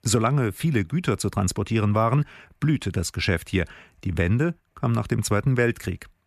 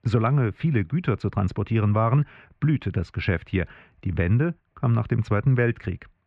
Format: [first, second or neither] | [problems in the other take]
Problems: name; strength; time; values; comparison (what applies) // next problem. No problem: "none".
first | muffled; very; fading above 3 kHz